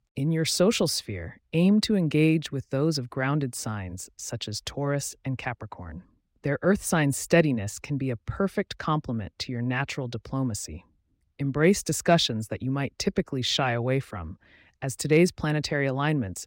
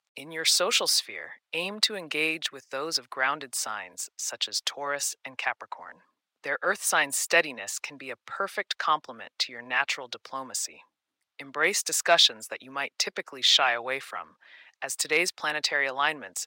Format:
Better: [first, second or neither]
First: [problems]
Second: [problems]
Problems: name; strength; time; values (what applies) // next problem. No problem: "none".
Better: first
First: none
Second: thin; very; fading below 950 Hz